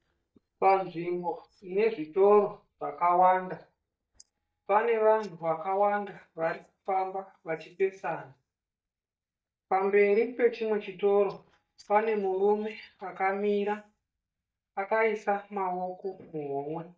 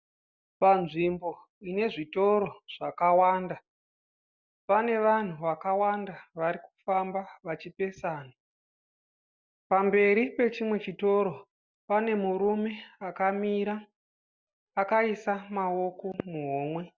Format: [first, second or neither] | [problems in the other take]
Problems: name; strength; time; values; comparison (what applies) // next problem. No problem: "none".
second | noise reduction (neural mask model DeepFilterNet 3)